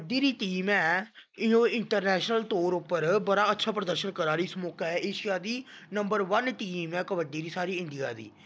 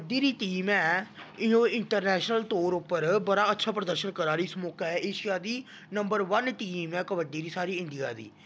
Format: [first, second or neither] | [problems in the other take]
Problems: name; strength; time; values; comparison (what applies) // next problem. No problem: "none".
second | noise reduction (neural mask model Resemble Enhance denoiser)